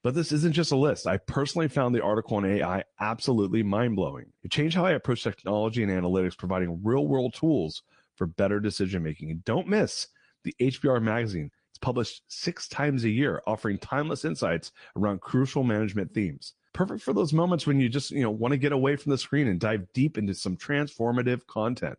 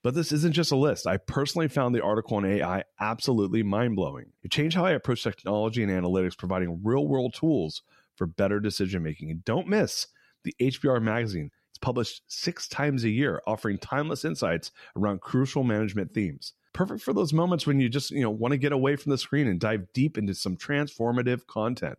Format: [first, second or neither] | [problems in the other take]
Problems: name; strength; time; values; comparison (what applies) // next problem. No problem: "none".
second | garbled, watery; slightly; nothing above 8 kHz